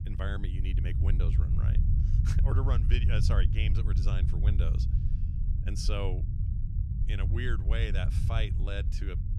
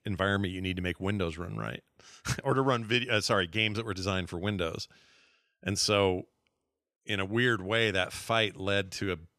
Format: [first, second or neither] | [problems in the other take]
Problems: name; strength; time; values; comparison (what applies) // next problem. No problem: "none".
second | low rumble; loud; throughout; 5 dB below the speech